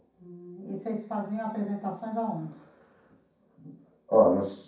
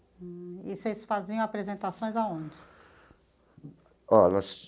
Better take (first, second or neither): second